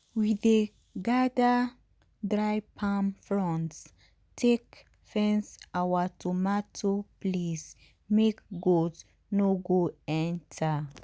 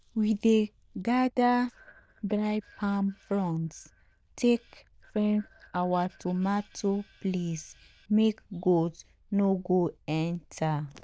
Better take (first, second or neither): first